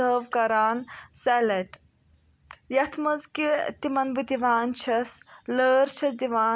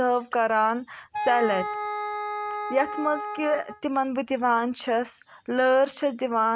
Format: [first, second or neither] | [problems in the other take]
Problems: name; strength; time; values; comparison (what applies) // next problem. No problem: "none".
first | noise reduction (neural mask model RNNoise)